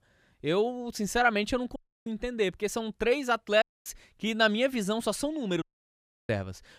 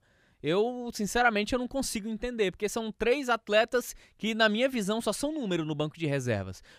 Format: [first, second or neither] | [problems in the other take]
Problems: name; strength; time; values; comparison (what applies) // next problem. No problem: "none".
second | audio cutting out; at 2 s, at 3.5 s and at 5.5 s for 0.5 s